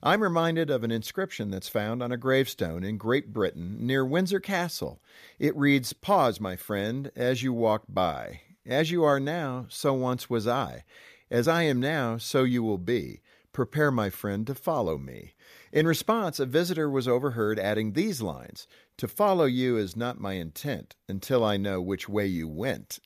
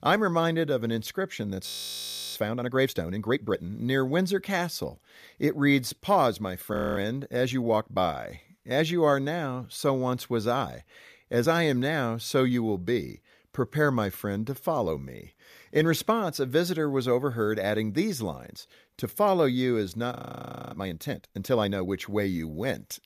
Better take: first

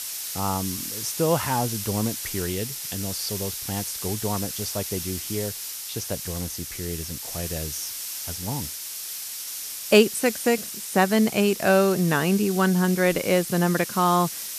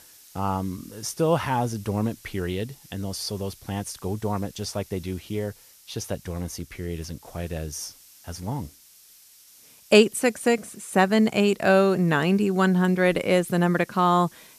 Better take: second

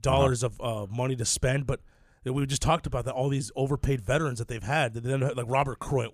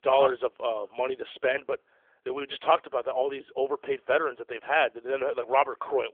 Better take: first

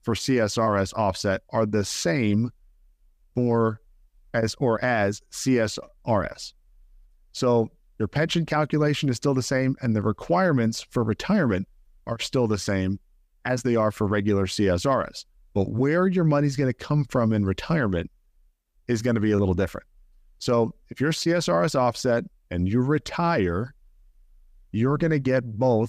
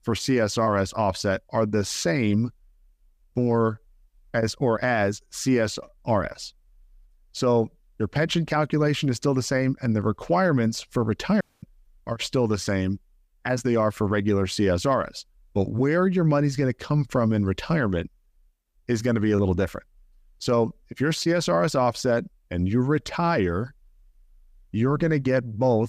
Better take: first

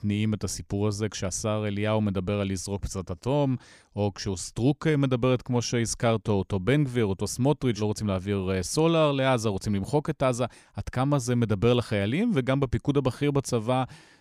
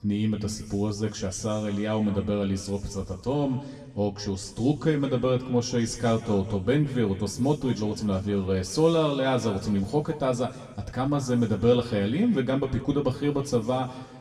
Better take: first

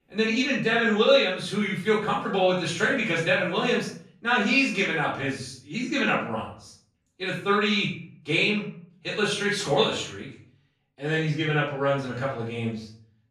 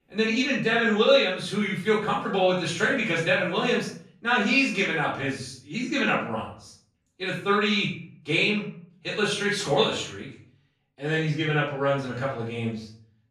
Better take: neither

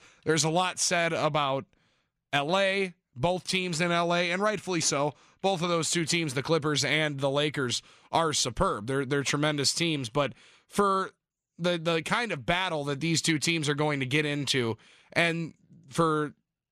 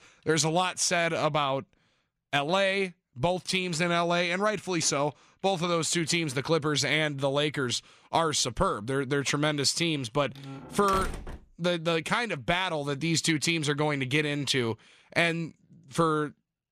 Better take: first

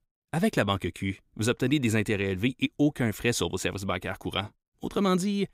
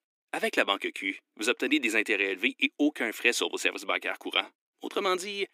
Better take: first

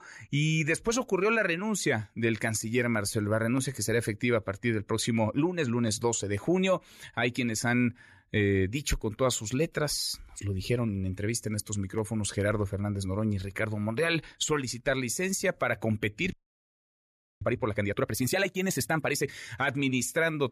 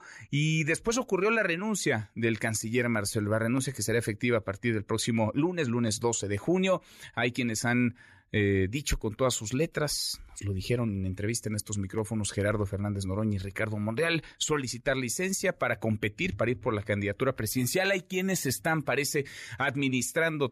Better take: second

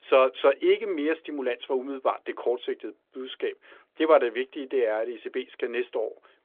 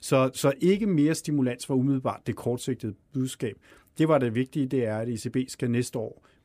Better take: second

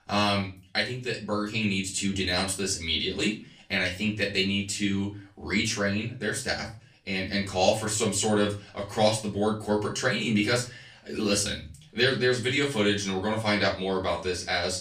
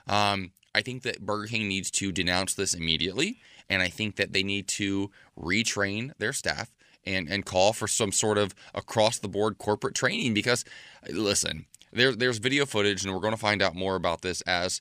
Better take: second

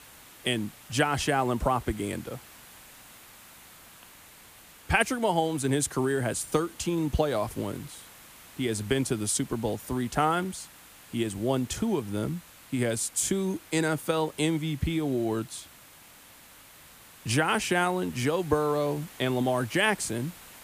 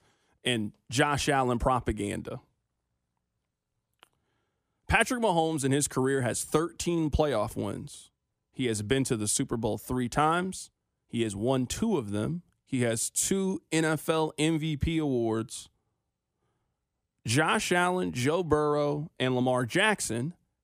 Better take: second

